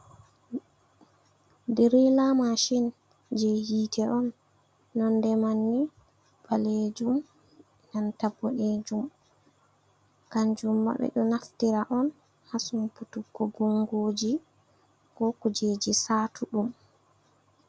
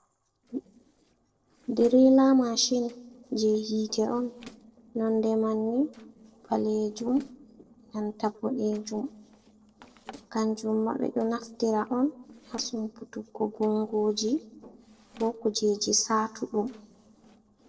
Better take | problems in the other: first | noise reduction (neural separator model SepFormer DNS4)

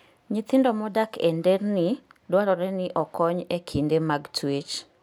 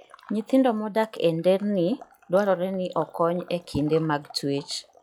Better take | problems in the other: first | noise reduction (classical method log-MMSE)

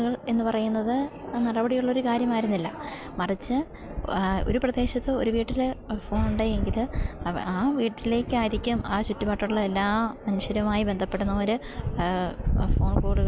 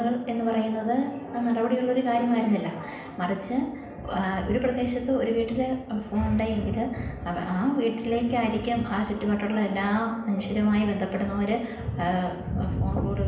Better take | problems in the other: first | room echo; dies away in 0.8 s

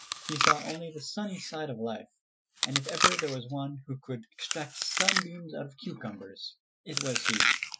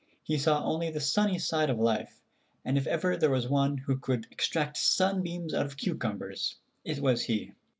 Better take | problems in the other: second | noise reduction (classical method Wiener filter)

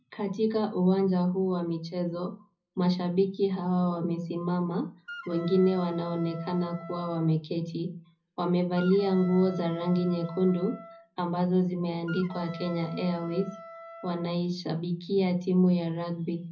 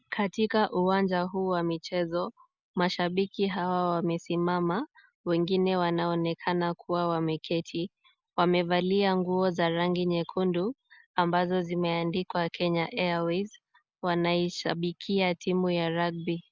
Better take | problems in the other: second | background sound (Wind instrument, woodwind instrument); 17 dB below the speech // room echo; dies away in 0.4 s

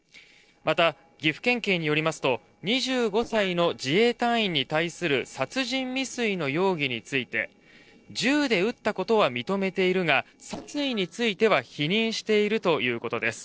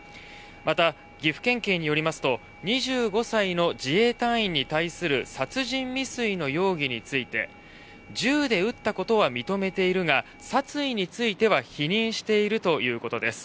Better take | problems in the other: second | noise reduction (neural separator model SepFormer DNS4)

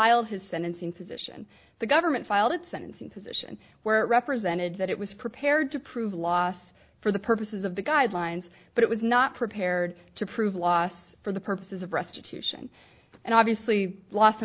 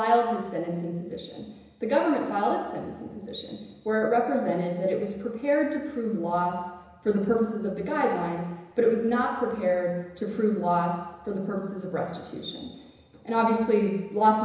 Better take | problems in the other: first | room echo; dies away in 1 s

